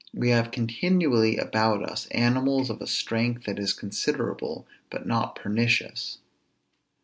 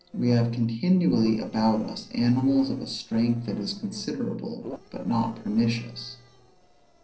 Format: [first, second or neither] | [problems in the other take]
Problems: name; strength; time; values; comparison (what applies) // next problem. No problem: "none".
first | noise reduction (neural separator model SepFormer DNS4)